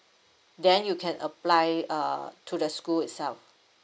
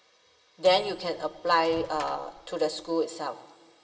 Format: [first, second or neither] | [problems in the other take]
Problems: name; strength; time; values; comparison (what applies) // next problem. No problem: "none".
first | background sound (Microwave oven); 20 dB below the speech // room echo; dies away in 2.1 s